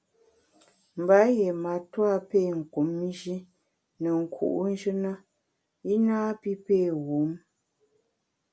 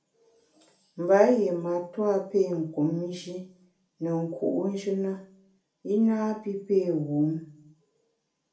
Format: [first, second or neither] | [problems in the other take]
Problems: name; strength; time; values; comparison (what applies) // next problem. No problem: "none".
first | room echo; dies away in 0.4 s